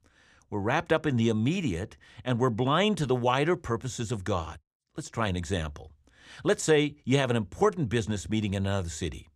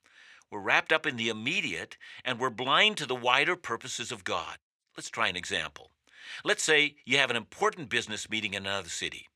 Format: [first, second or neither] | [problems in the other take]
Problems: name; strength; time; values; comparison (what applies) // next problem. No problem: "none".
first | thin; somewhat; fading below 850 Hz